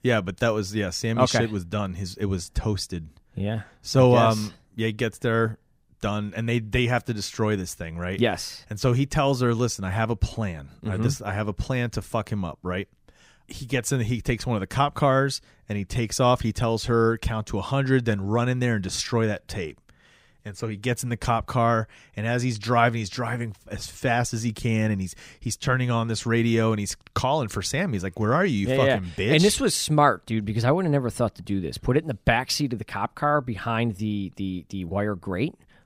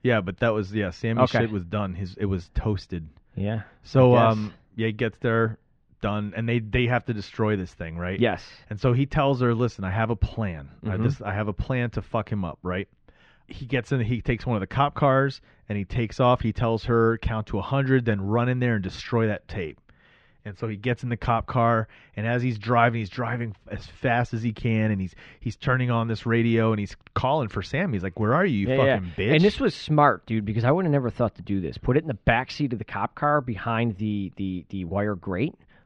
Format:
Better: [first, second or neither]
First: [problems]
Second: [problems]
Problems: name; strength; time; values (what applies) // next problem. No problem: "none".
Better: first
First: none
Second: muffled; slightly; fading above 3 kHz